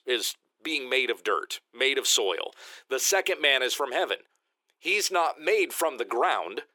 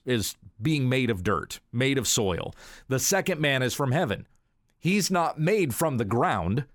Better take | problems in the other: second | thin; very; fading below 350 Hz

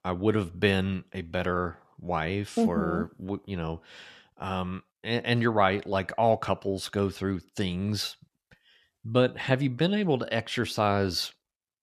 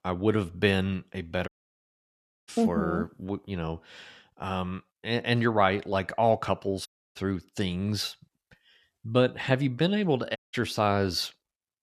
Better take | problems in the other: first | audio cutting out; at 1.5 s for 1 s, at 7 s and at 10 s

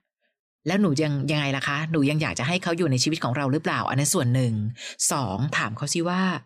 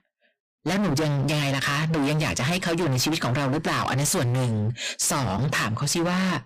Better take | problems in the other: first | distortion; heavy; 41% of the sound clipped

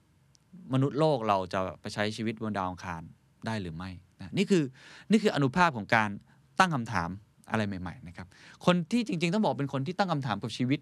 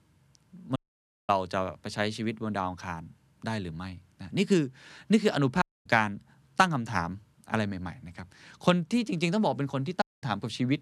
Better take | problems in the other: first | audio cutting out; at 1 s for 0.5 s, at 5.5 s and at 10 s

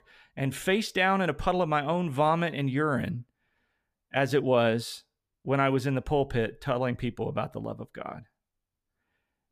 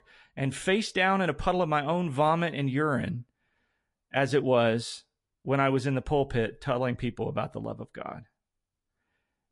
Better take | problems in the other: first | garbled, watery; slightly; nothing above 11 kHz

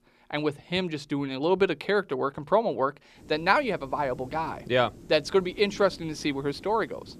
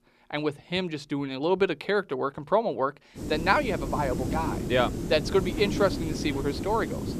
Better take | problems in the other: first | hiss; loud; from 3 s on; 5 dB below the speech; faint in the first

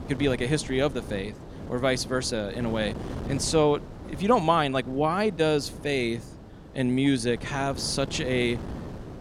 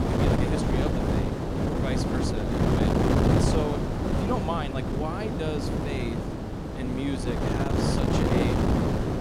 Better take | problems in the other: first | wind noise on the microphone; heavy; 5 dB above the speech; occasional gusts in the first

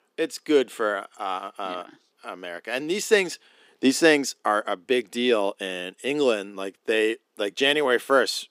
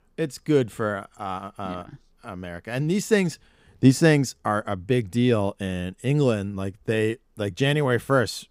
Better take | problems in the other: second | thin; somewhat; fading below 300 Hz

